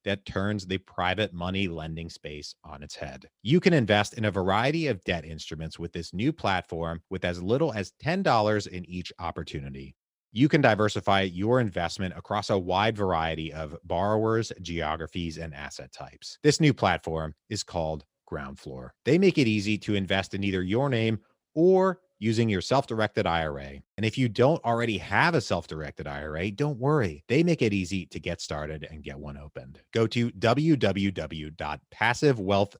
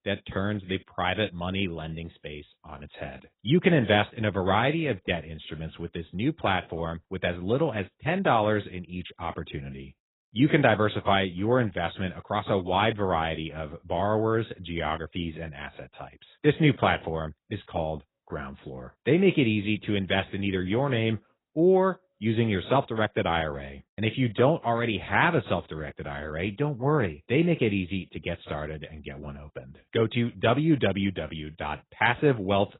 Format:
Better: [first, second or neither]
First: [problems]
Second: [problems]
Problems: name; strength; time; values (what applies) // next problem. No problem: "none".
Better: first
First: none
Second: garbled, watery; badly; nothing above 3.5 kHz